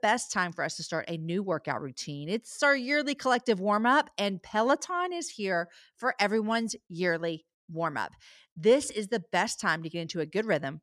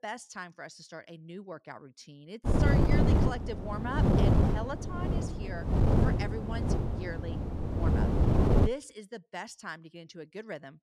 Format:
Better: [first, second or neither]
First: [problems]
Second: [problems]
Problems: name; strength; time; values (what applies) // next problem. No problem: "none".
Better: first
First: none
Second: wind noise on the microphone; heavy; from 2.5 to 8.5 s; 5 dB above the speech